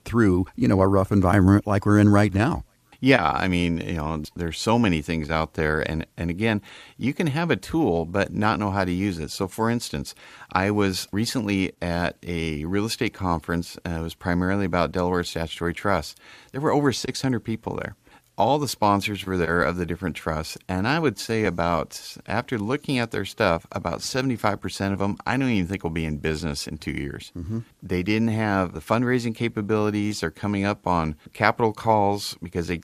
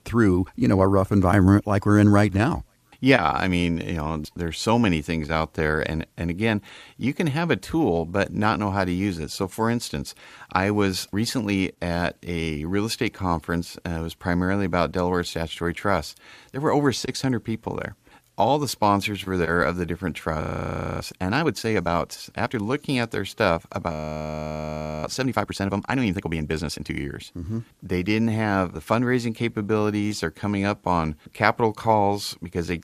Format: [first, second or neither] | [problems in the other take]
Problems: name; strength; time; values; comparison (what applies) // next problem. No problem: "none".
first | audio freezing; at 20 s for 0.5 s and at 24 s for 1 s